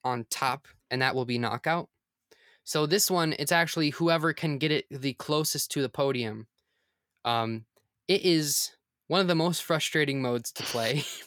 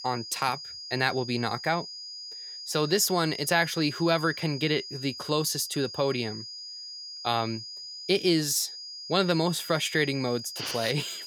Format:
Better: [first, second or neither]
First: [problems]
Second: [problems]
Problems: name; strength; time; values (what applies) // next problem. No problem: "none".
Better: first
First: none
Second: high-pitched whine; noticeable; throughout; 5 kHz, 10 dB below the speech